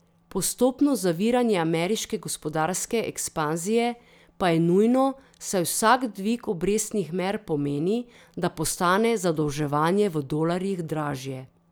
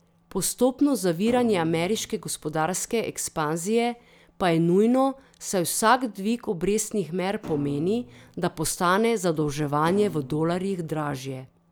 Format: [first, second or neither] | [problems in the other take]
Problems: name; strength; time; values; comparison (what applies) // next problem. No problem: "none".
first | background sound (Thump, thud); 17 dB below the speech